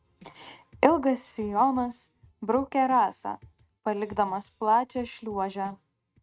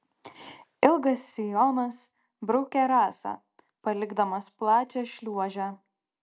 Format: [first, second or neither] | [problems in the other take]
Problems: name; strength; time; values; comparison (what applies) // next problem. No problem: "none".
second | noise reduction (neural mask model RNNoise)